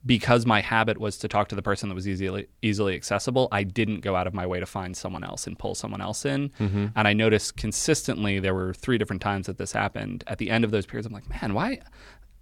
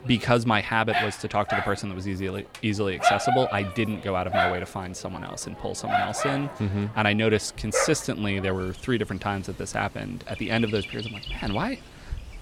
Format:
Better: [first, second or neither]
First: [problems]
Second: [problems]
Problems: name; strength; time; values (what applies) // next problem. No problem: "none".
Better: first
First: none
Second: animal sounds; loud; throughout; 2 dB below the speech